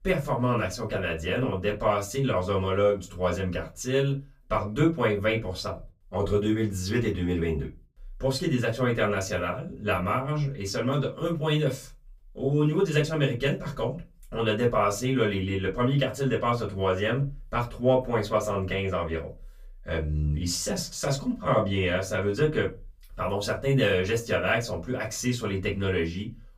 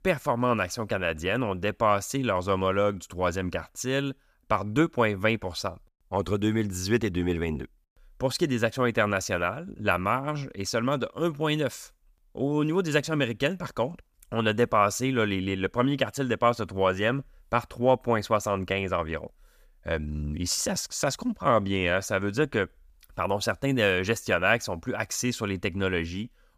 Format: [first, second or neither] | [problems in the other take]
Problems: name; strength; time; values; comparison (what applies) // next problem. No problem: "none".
second | off-mic speech; far // room echo; very slight; dies away in 0.2 s